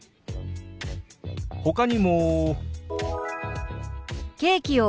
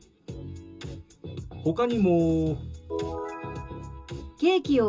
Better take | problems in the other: first | room echo; dies away in 0.2 s

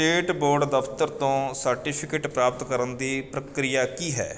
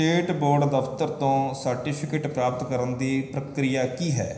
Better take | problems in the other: first | room echo; dies away in 0.9 s

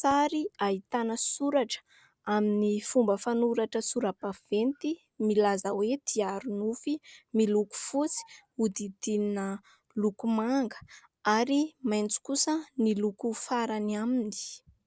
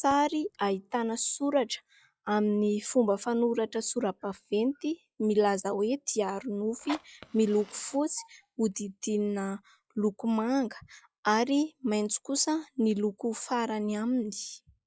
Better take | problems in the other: first | noise reduction (classical method log-MMSE)

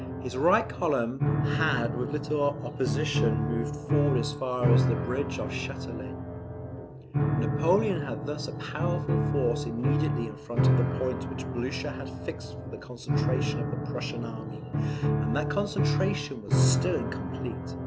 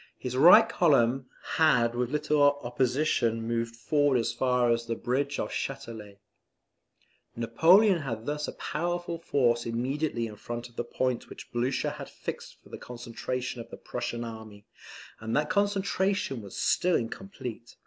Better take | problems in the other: second | background sound (Piano); 3 dB above the speech

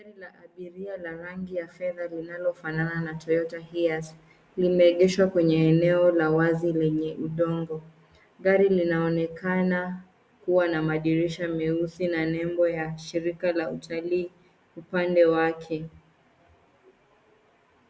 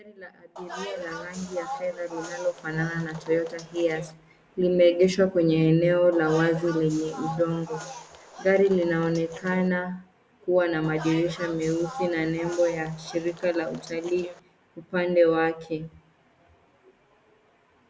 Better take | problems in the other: first | background sound (Bus); 14 dB below the speech

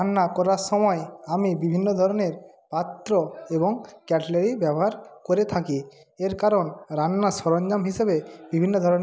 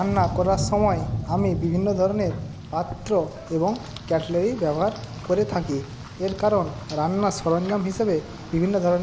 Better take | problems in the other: first | background sound (Rain); 9 dB below the speech

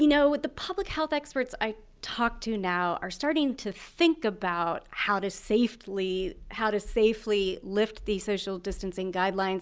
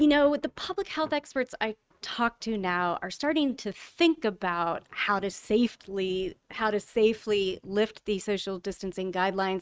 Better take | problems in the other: first | noise reduction (neural mask model RNNoise)

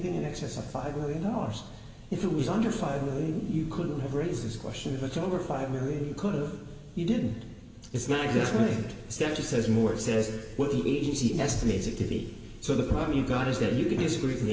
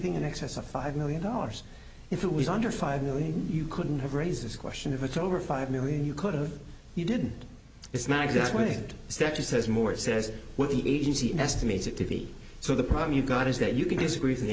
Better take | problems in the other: second | room echo; dies away in 2.3 s

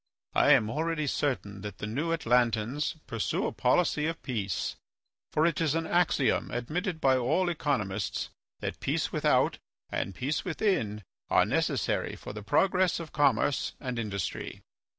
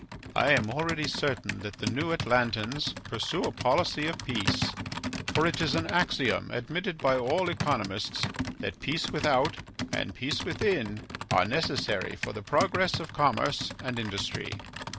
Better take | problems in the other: first | background sound (Computer keyboard); 7 dB below the speech

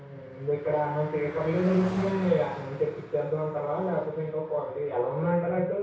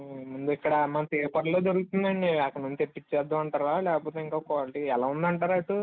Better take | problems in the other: second | background sound (Car passing by); 16 dB below the speech // room echo; dies away in 0.6 s

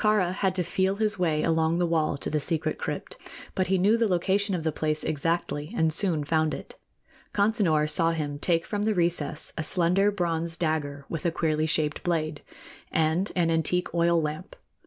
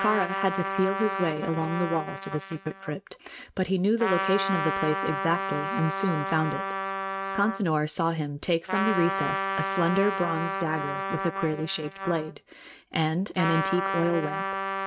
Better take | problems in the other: first | noise reduction (neural mask model RNNoise)

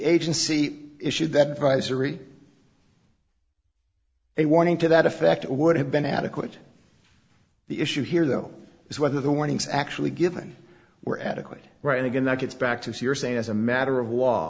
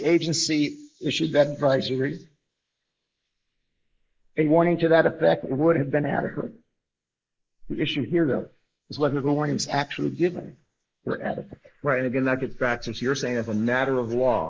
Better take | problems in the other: first | noise reduction (neural mask model Resemble Enhance denoiser)

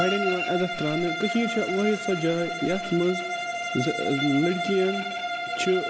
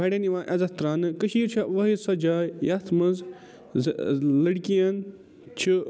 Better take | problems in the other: second | background sound (Bowed string instrument); 4 dB below the speech

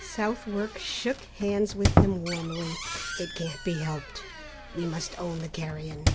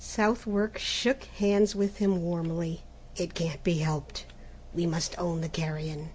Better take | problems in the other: second | background sound (Squeak); 1 dB above the speech

